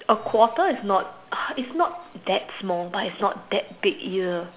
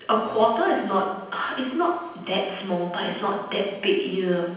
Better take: first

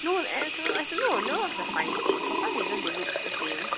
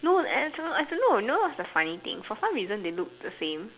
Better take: second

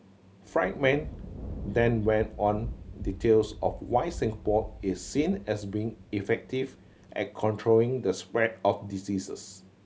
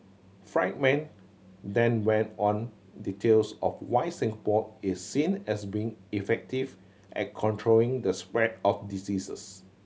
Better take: second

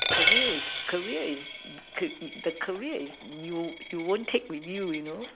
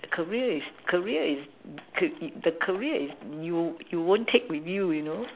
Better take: second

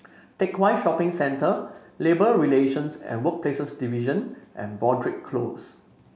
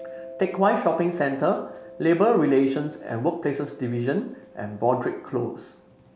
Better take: first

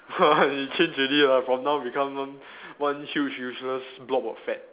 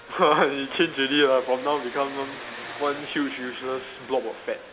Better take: first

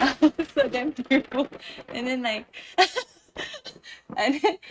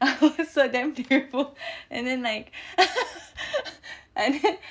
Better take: second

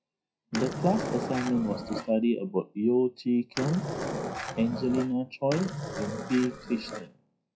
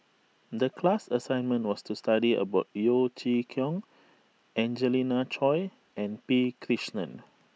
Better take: second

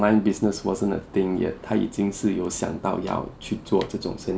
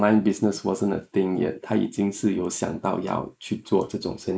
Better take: first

